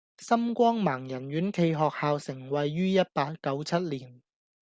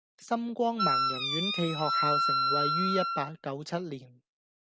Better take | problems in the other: first | background sound (Wind instrument, woodwind instrument); 4 dB above the speech

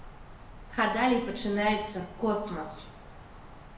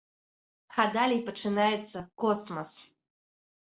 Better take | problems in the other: second | background sound (Wind); 14 dB below the speech // room echo; dies away in 0.9 s

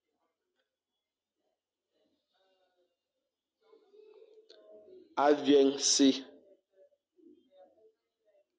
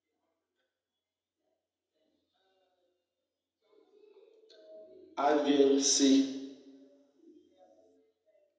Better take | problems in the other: first | room echo; dies away in 0.8 s

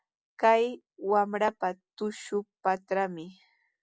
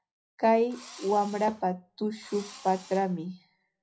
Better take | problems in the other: first | background sound (Engine / Drill); 20 dB below the speech // room echo; dies away in 0.5 s

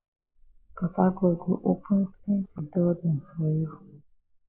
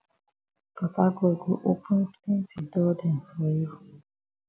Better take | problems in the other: second | noise reduction (neural mask model Resemble Enhance denoiser)

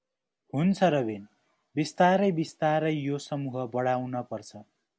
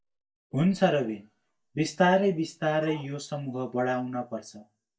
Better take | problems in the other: first | noise reduction (neural mask model DeepFilterNet 3)

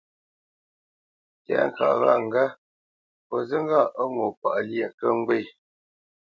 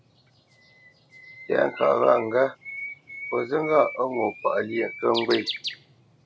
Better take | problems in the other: first | background sound (Bird); 13 dB below the speech

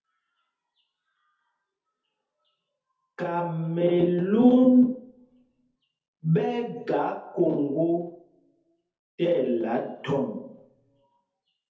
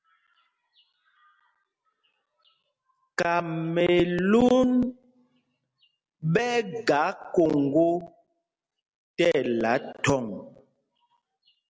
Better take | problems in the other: second | room echo; dies away in 0.5 s

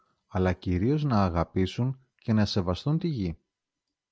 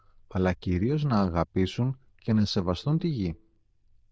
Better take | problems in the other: first | noise reduction (neural diffusion model UNIVERSE++)

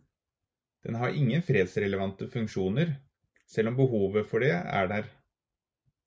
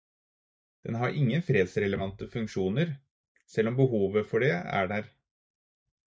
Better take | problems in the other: first | noise reduction (neural mask model DeepFilterNet 3)

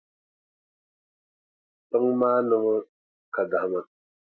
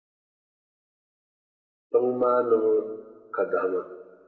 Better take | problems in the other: first | room echo; dies away in 1.4 s

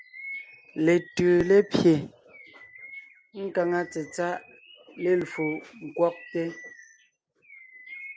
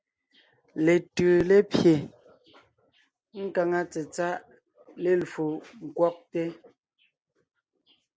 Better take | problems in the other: second | background sound (Bird vocalization, bird call, bird song); 18 dB below the speech

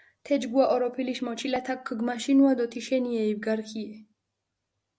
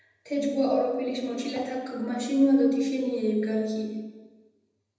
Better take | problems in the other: first | room echo; dies away in 1.1 s

